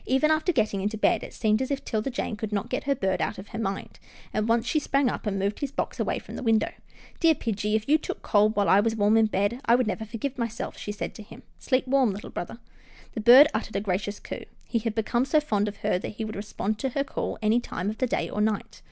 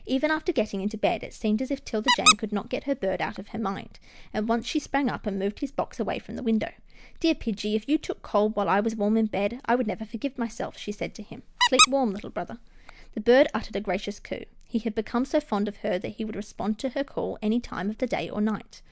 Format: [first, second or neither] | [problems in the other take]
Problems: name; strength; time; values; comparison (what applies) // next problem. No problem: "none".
first | background sound (Squeak); as loud as the speech